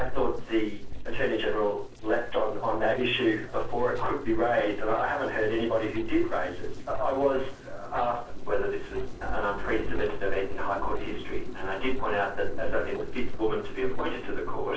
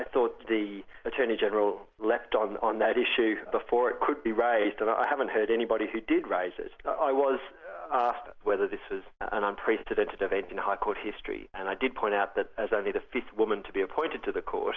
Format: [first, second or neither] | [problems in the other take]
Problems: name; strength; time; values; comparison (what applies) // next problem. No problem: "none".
second | noise reduction (neural separator model SepFormer DNS4)